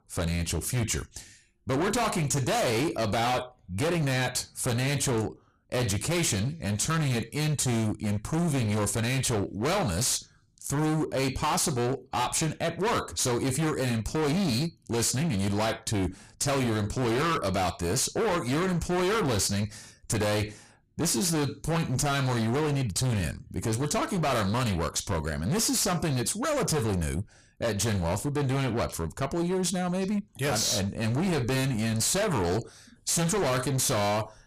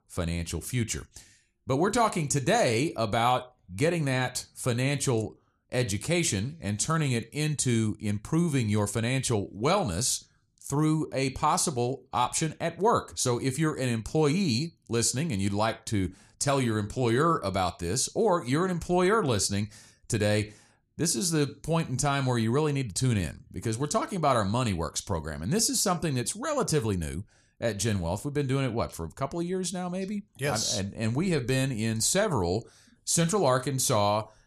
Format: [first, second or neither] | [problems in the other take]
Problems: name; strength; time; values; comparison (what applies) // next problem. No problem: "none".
second | distortion; heavy; 30% of the sound clipped